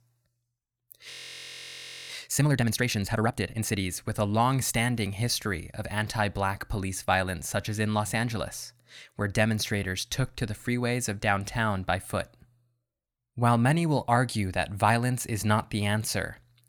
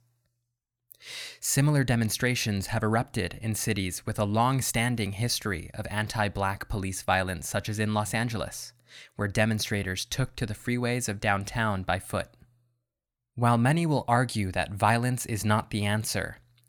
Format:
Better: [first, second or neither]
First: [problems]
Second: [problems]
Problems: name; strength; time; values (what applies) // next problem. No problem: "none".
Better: second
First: audio freezing; at 1 s for 1 s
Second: none